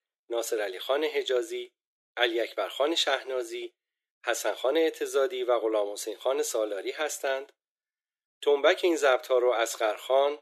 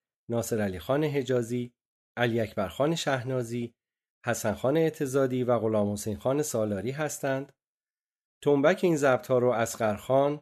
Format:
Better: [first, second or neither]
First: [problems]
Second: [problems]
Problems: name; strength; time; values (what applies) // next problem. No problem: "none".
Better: second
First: thin; very; fading below 350 Hz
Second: none